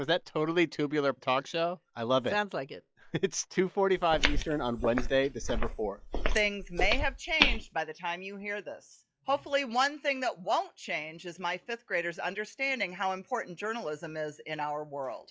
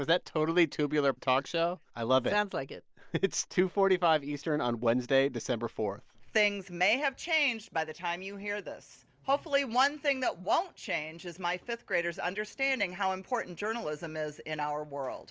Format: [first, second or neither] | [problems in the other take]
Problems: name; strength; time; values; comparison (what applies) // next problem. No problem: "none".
second | noise reduction (classical method log-MMSE)